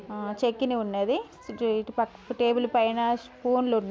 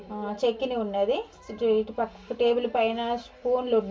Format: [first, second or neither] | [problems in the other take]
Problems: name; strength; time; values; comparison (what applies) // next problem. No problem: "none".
first | room echo; dies away in 0.1 s